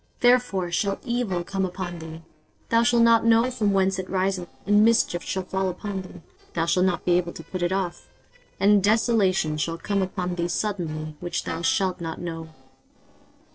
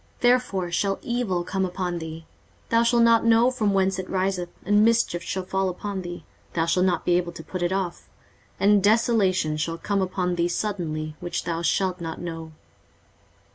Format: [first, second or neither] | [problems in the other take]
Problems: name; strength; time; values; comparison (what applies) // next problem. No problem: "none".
second | noise reduction (neural separator model SepFormer DNS4)